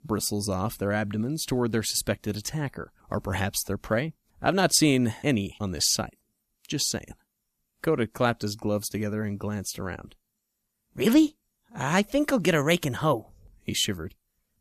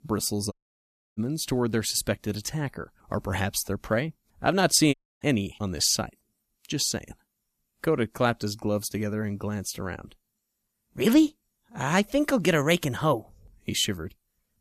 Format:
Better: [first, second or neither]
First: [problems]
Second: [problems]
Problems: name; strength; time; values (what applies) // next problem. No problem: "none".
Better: first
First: none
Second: audio cutting out; at 0.5 s for 0.5 s and at 5 s